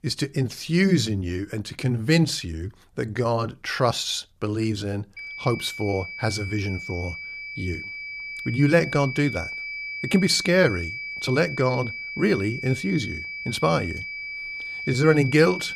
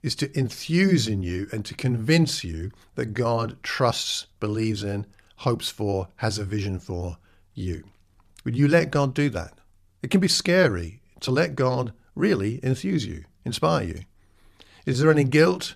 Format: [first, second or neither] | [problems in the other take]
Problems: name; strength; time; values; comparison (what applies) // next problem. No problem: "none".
second | high-pitched whine; loud; from 5 s on; 2.5 kHz, 8 dB below the speech